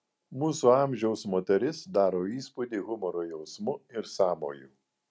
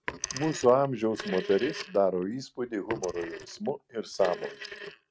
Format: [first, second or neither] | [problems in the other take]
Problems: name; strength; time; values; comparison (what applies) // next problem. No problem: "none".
first | noise reduction (neural mask model RNNoise)